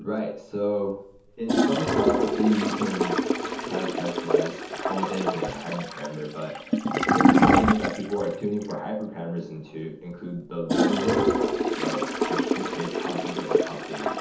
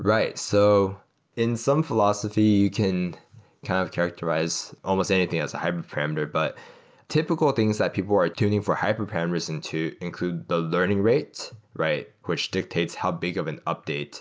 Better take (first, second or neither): second